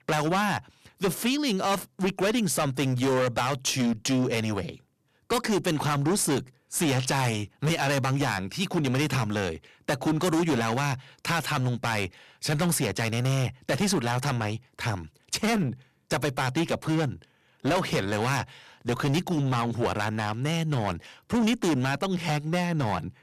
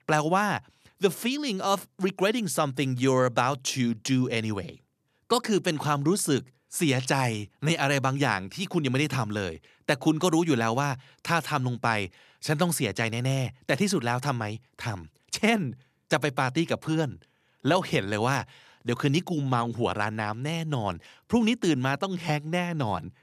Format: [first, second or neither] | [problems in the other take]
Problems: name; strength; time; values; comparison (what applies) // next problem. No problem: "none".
second | distortion; heavy; 15% of the sound clipped